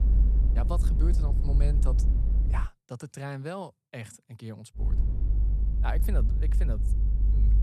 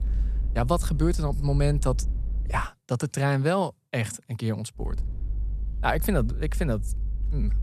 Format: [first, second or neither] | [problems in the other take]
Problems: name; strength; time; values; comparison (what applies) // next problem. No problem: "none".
second | low rumble; loud; until 2.5 s and from 5 s on; 5 dB below the speech; faint in the second